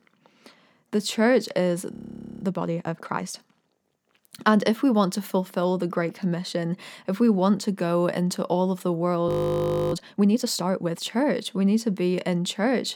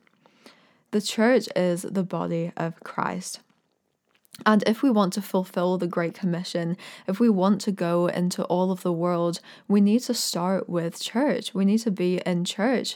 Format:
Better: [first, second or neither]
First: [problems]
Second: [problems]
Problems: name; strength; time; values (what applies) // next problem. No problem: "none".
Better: second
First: audio freezing; at 2 s for 0.5 s and at 9.5 s for 0.5 s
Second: none